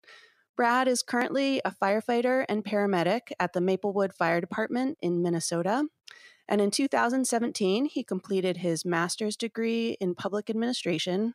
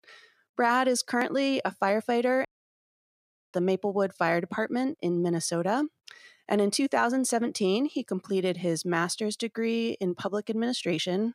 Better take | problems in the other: first | audio cutting out; at 2.5 s for 1 s

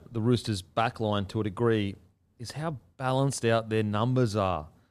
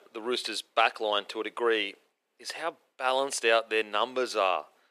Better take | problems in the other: first | thin; very; fading below 400 Hz

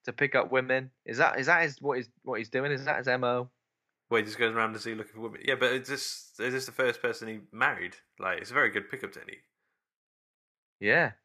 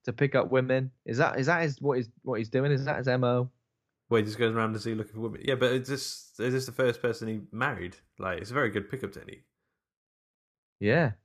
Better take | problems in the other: second | thin; somewhat; fading below 900 Hz

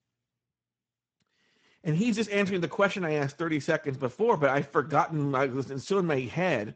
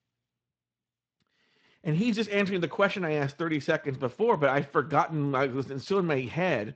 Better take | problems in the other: second | garbled, watery; badly; nothing above 8 kHz; slightly in the second

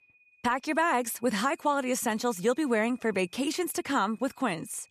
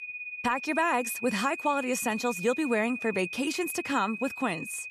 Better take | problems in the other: first | high-pitched whine; loud; throughout; 2.5 kHz, 7 dB below the speech; faint in the first

